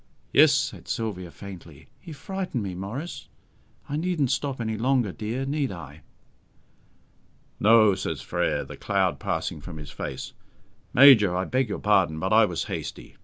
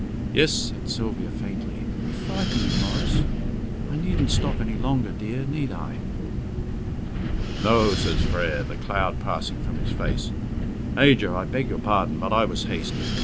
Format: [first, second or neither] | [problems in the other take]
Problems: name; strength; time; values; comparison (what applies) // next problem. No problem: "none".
first | background sound (Wind); 1 dB above the speech